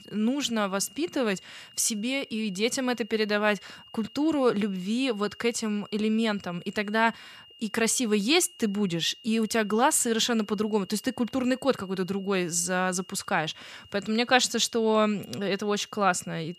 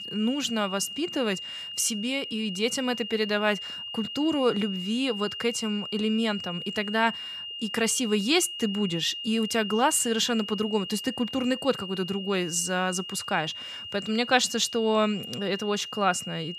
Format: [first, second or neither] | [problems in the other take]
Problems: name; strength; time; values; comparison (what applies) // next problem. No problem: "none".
first | high-pitched whine; loud; throughout; 3 kHz, 8 dB below the speech; faint in the first